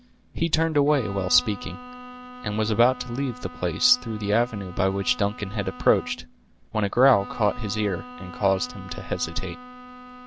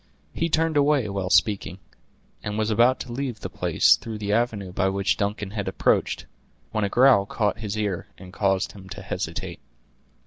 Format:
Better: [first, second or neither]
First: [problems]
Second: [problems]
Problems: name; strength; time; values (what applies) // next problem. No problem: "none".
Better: second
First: background sound (Bowed string instrument); 16 dB below the speech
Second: none